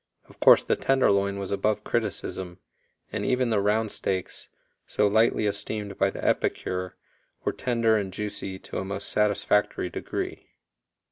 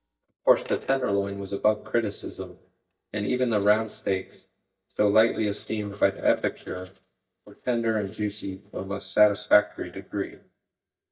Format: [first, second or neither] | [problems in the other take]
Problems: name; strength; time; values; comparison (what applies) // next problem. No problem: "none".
first | noise reduction (neural mask model DeepFilterNet 3)